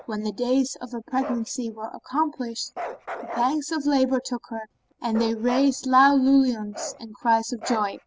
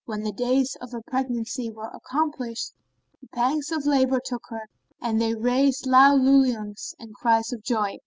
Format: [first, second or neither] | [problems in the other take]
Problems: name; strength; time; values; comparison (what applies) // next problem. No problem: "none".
second | background sound (Bark); 15 dB below the speech